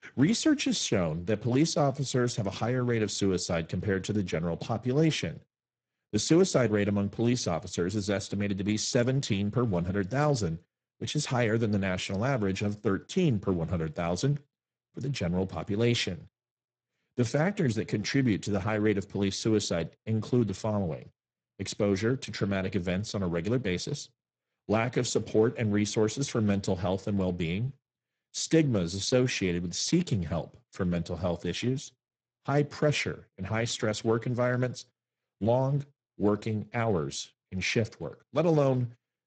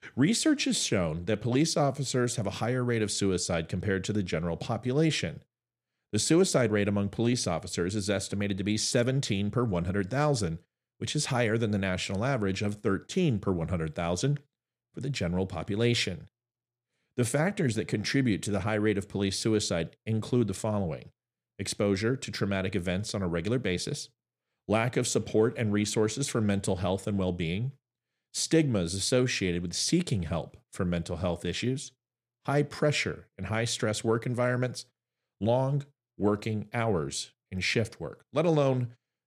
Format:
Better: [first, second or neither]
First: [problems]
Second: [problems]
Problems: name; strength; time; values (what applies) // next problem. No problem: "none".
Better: second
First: garbled, watery; badly; nothing above 8 kHz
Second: none